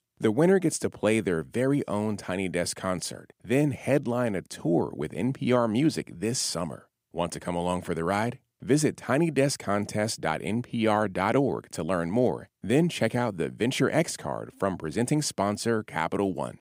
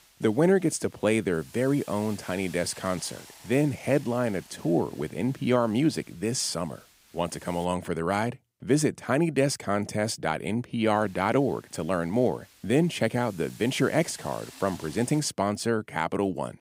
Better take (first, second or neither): first